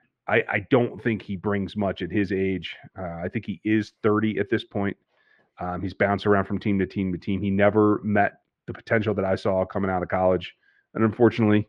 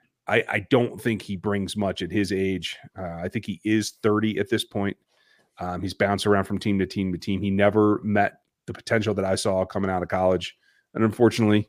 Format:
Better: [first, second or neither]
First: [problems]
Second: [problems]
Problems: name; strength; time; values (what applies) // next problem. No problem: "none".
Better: second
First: muffled; slightly; fading above 2 kHz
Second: none